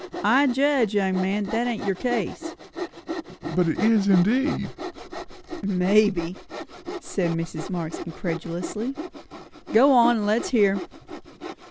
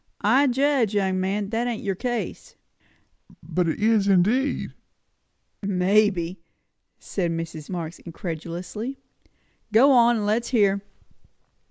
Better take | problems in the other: second | background sound (Sawing); 10 dB below the speech

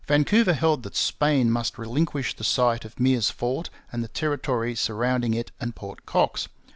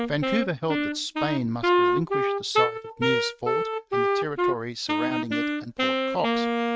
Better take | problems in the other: first | noise reduction (neural mask model RNNoise)

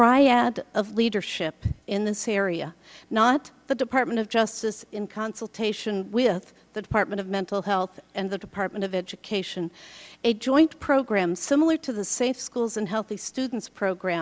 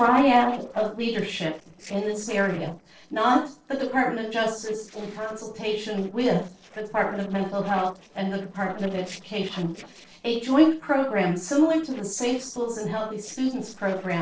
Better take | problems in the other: first | noise reduction (neural separator model SepFormer DNS4)

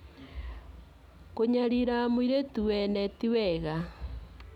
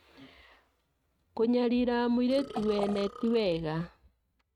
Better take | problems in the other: first | noise reduction (neural mask model RNNoise)

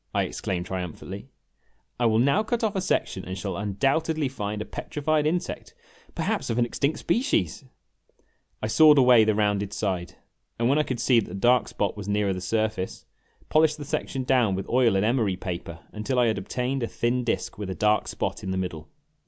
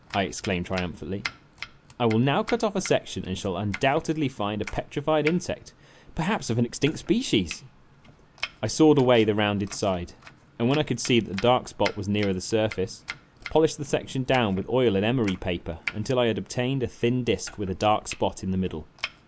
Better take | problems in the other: first | background sound (Domestic sounds, home sounds); 17 dB below the speech

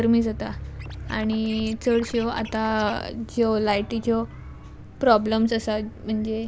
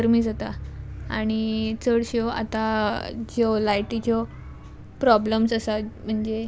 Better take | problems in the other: second | background sound (Scratching (performance technique)); 20 dB below the speech

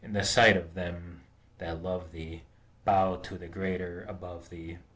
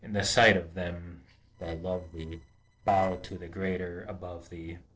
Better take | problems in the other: first | noise reduction (neural separator model SepFormer DNS4)

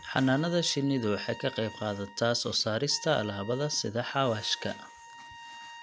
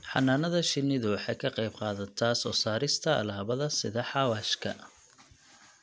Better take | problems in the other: second | background sound (Trumpet); 18 dB below the speech

